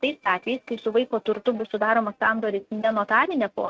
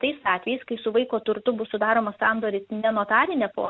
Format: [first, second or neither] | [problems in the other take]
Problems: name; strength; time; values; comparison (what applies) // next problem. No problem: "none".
second | noise reduction (neural mask model RNNoise)